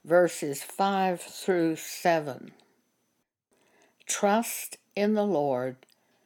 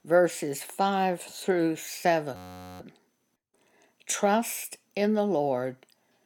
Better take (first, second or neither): first